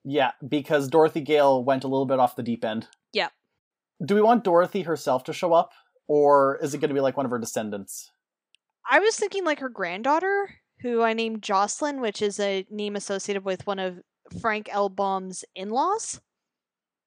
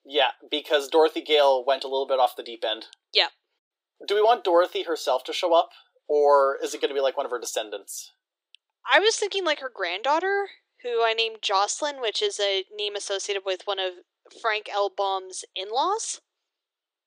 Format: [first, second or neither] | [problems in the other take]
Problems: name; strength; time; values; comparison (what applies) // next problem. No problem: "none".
first | thin; very; fading below 350 Hz